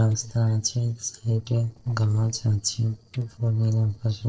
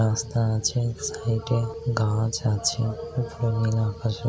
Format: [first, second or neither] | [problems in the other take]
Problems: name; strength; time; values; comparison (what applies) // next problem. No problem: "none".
second | noise reduction (neural separator model SepFormer DNS4)